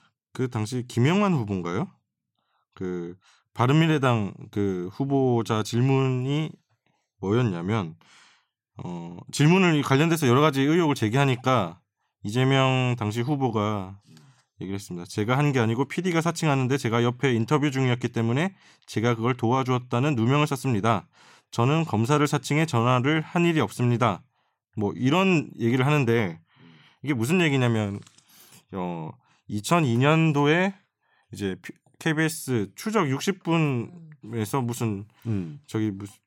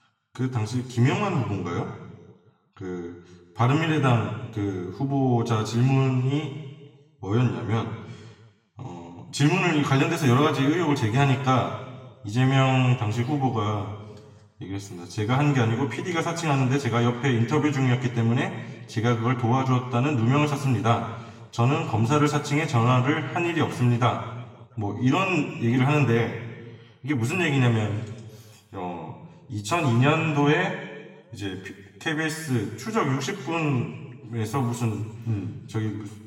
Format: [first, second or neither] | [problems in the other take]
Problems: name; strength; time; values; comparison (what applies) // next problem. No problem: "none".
first | room echo; slight; dies away in 1.2 s // off-mic speech; far